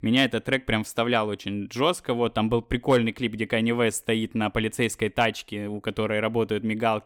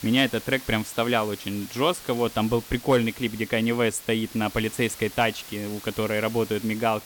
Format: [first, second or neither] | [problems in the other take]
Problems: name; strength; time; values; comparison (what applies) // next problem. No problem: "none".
first | hiss; noticeable; throughout; 15 dB below the speech